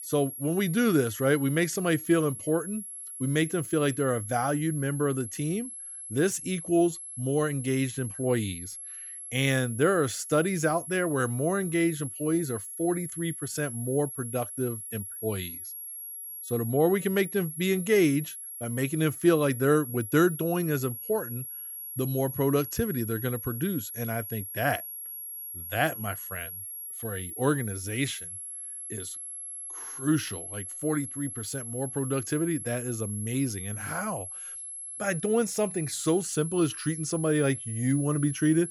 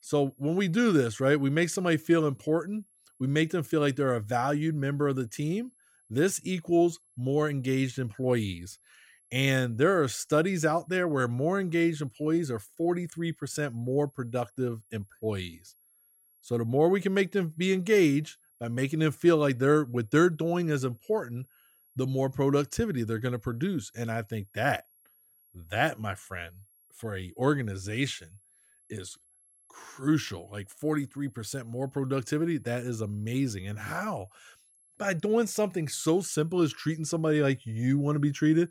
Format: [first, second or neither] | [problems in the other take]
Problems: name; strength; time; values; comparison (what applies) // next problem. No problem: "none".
second | high-pitched whine; loud; throughout; 11.5 kHz, 8 dB below the speech; faint in the second